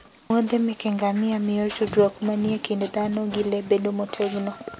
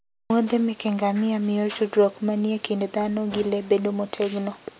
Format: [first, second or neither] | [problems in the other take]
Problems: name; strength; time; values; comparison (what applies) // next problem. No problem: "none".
second | background sound (Livestock, farm animals, working animals); 18 dB below the speech